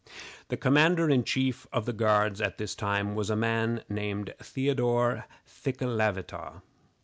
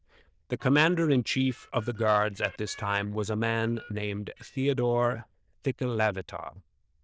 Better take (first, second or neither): first